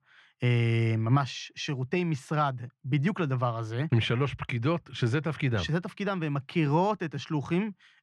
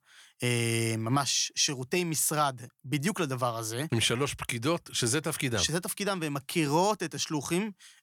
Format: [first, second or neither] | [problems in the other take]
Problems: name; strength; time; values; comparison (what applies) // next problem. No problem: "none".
second | muffled; very; fading above 2.5 kHz